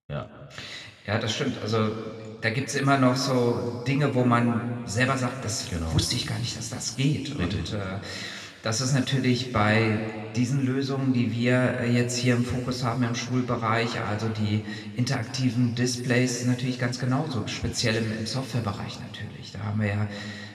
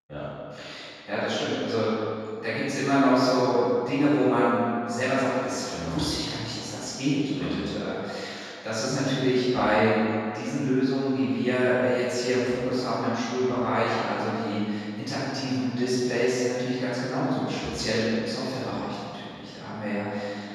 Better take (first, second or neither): first